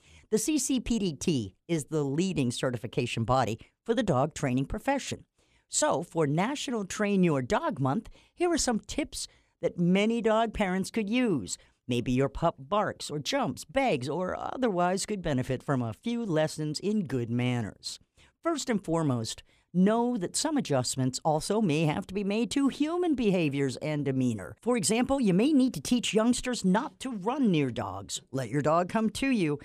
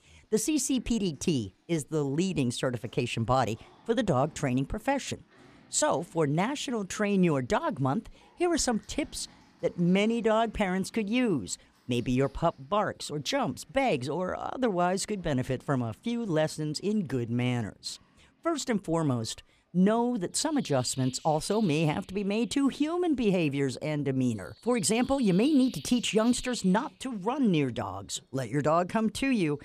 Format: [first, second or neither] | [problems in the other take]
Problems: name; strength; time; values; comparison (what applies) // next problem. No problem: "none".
first | animal sounds; faint; throughout; 25 dB below the speech